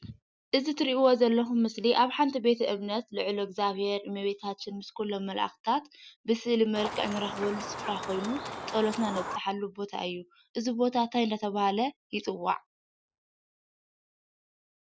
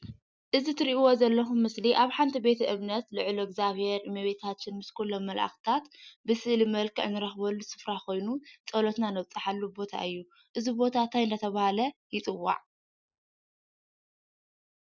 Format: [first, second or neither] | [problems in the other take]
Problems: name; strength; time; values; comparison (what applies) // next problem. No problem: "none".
second | background sound (Chicken, rooster); 7 dB below the speech